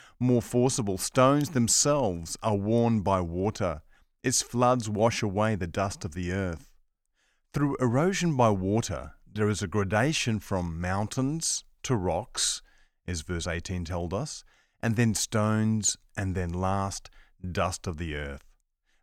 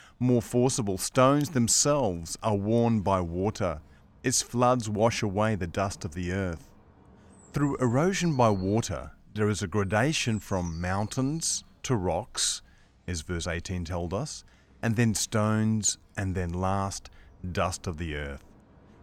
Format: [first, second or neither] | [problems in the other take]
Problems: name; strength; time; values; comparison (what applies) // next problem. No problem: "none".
first | animal sounds; faint; throughout; 25 dB below the speech